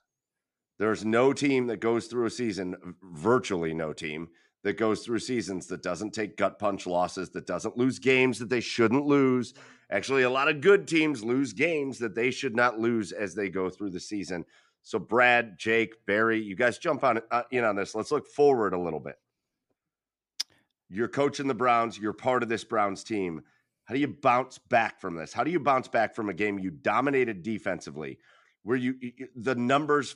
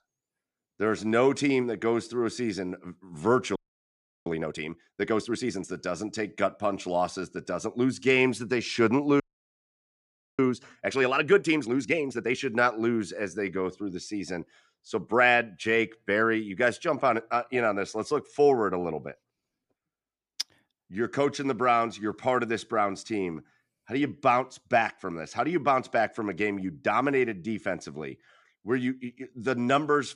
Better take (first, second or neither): first